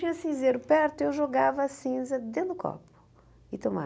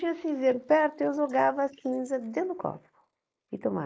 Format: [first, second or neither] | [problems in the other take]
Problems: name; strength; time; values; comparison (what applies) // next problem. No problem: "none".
first | noise reduction (neural mask model Resemble Enhance denoiser)